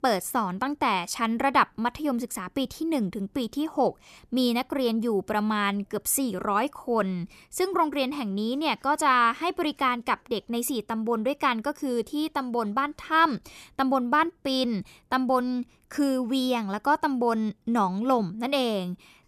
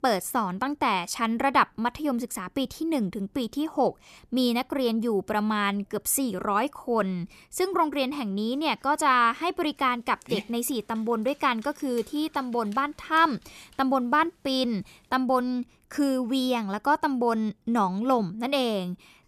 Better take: first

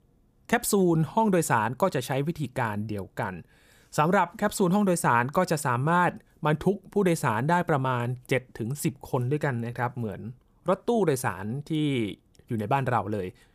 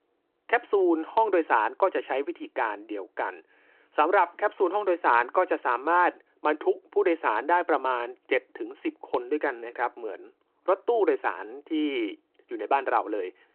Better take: first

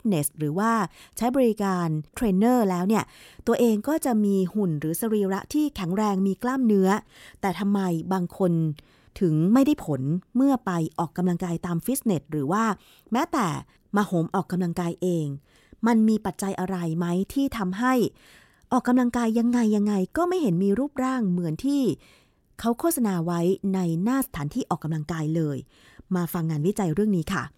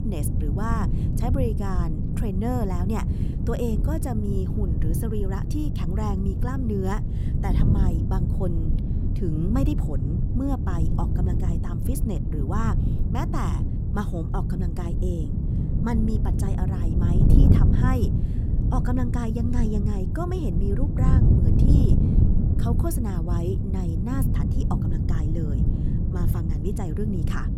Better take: first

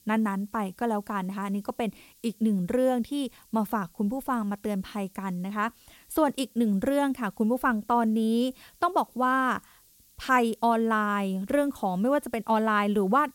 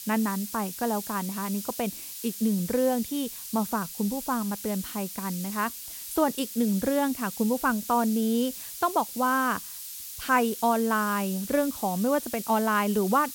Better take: first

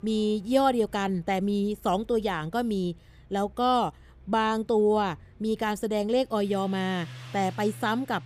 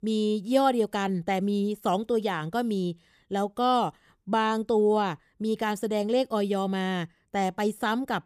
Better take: second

